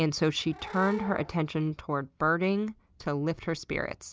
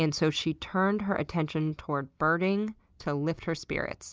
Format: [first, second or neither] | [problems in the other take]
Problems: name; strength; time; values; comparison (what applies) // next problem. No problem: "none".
second | background sound (Animal / Brass instrument); 17 dB below the speech